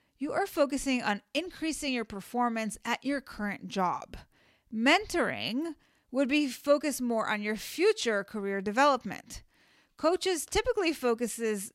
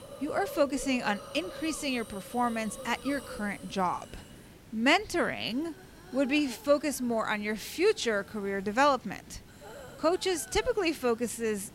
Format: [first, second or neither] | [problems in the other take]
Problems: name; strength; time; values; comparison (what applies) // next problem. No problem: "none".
first | hiss; noticeable; throughout; 15 dB below the speech